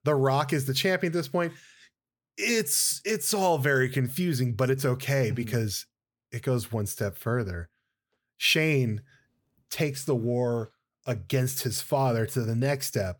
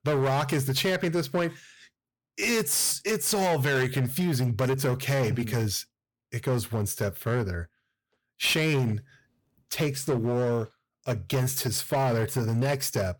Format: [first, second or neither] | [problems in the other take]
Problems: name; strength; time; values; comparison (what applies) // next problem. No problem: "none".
first | distortion; slight; 13% of the sound clipped